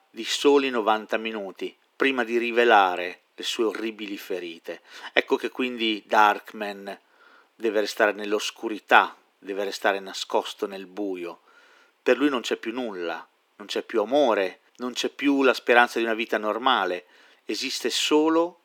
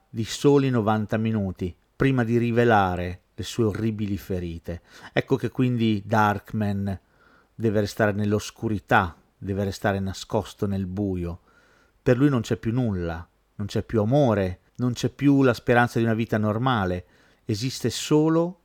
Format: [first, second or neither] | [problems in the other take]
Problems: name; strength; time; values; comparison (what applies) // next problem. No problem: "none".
second | thin; somewhat; fading below 300 Hz